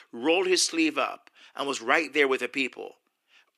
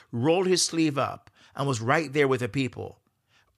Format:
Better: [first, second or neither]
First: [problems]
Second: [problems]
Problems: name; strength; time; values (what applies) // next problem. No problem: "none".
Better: second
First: thin; somewhat; fading below 300 Hz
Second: none